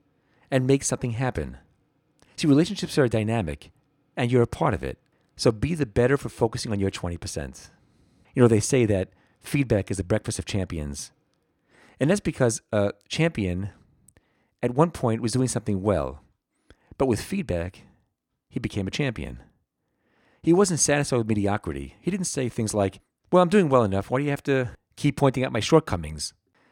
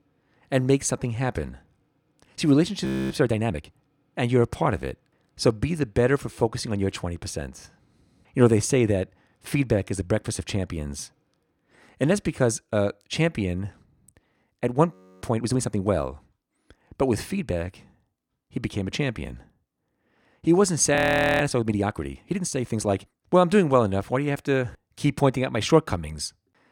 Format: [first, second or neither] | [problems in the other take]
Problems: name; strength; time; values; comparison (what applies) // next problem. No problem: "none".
first | audio freezing; at 3 s, at 15 s and at 21 s